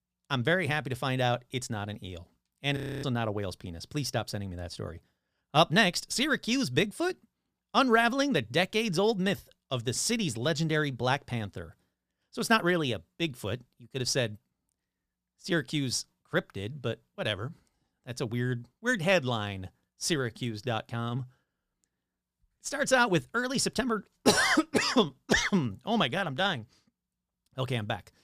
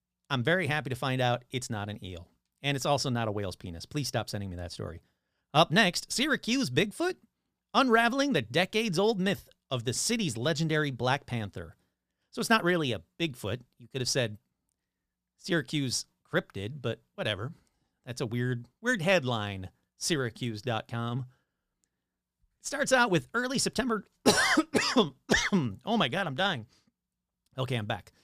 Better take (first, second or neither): second